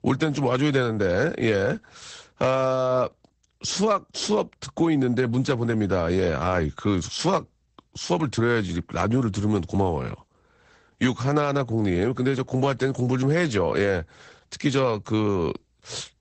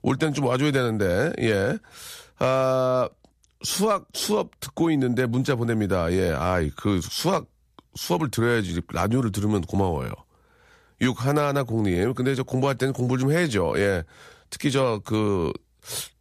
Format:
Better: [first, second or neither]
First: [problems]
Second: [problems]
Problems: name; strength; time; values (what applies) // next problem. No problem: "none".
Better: second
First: garbled, watery; badly; nothing above 8 kHz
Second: none